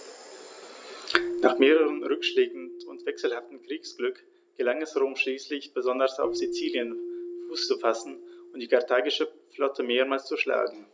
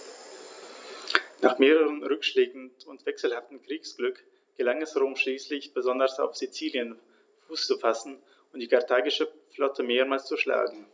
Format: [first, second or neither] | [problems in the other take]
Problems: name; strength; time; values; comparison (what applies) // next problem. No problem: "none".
second | background sound (Keyboard (musical)); 11 dB below the speech